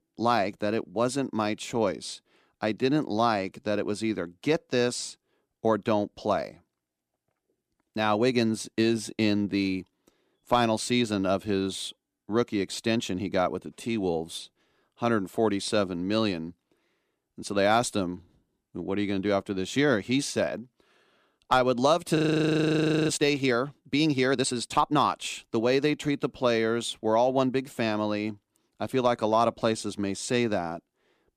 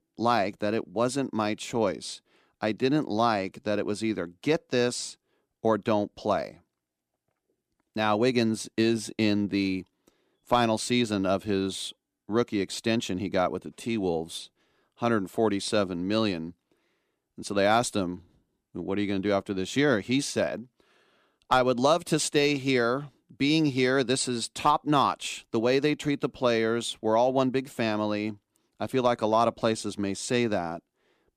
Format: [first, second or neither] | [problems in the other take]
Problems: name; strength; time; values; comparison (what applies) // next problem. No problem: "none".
second | audio freezing; at 22 s for 1 s